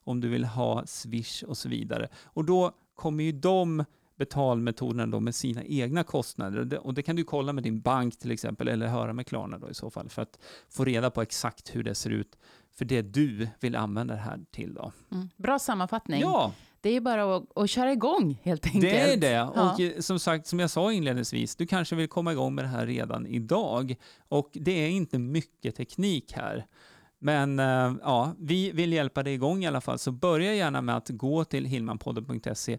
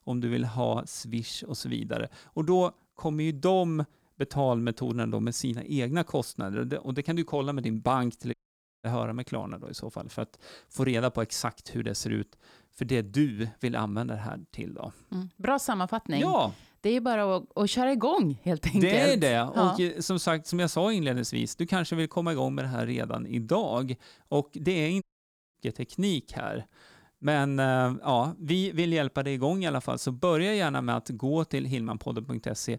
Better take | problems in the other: first | audio cutting out; at 8.5 s and at 25 s for 0.5 s

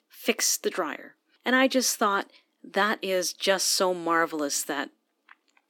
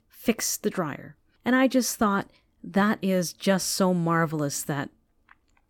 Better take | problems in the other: second | thin; somewhat; fading below 250 Hz

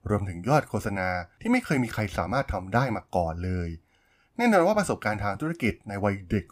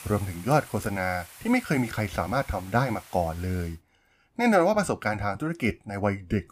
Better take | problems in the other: first | hiss; noticeable; until 3.5 s; 20 dB below the speech

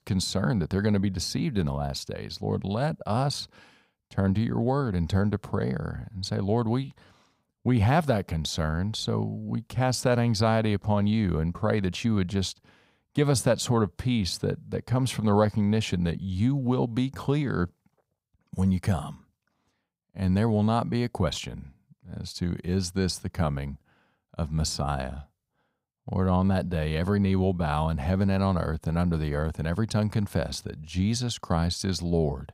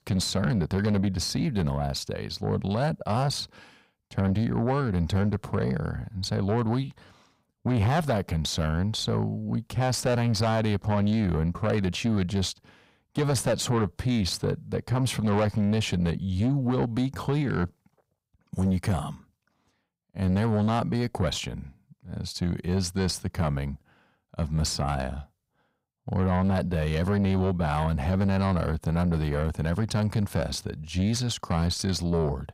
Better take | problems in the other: first | distortion; slight; 10 dB below the speech

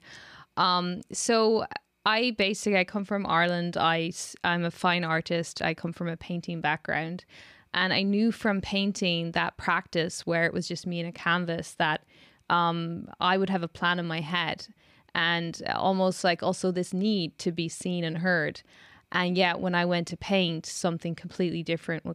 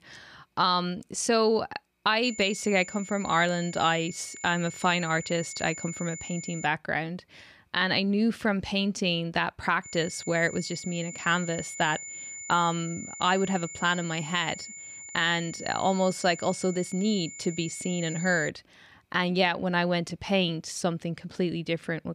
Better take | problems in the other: first | high-pitched whine; noticeable; from 2 to 6.5 s and from 10 to 18 s; 7 kHz, 10 dB below the speech

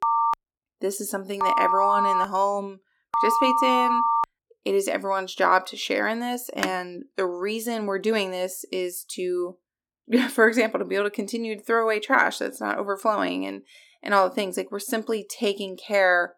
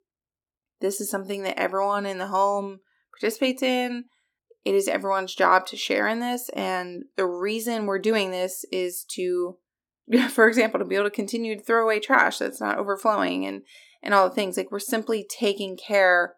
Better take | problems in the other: second | phone ringing; loud; until 4 s; peak 4 dB above the speech // phone ringing; noticeable; at 6.5 s; peak 6 dB below the speech

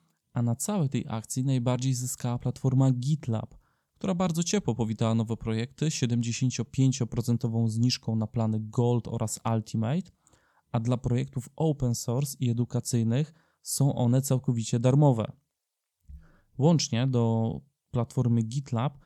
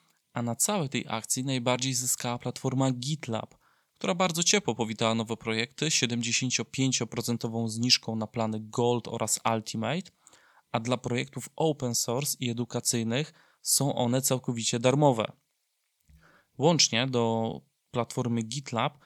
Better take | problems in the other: first | thin; somewhat; fading below 1 kHz

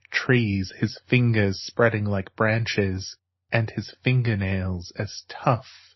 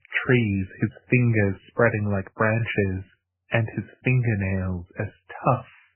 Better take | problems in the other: first | garbled, watery; badly; nothing above 2.5 kHz; slightly in the first

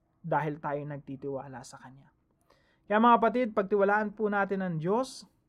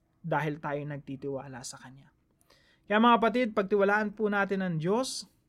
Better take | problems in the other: second | muffled; slightly; fading above 2 kHz

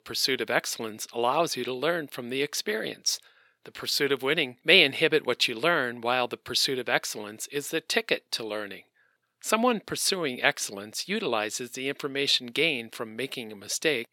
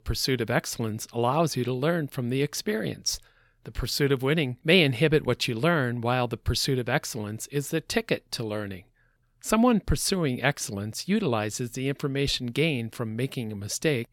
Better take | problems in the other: second | thin; somewhat; fading below 350 Hz

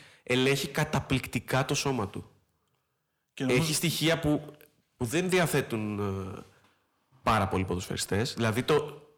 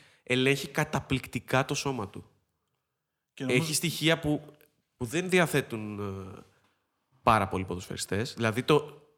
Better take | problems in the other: second | distortion; heavy; 8 dB below the speech

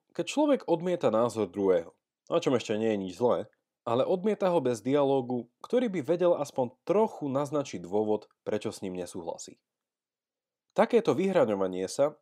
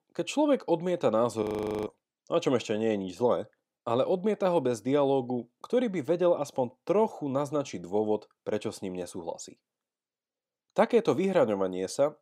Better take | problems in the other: first | audio freezing; at 1.5 s

